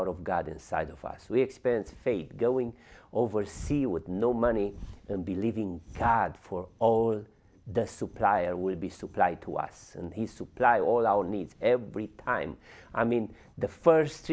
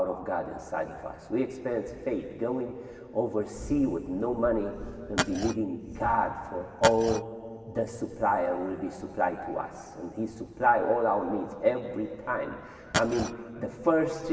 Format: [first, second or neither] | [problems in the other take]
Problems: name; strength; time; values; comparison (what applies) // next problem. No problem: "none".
first | background sound (Glass); 1 dB below the speech // room echo; dies away in 2.4 s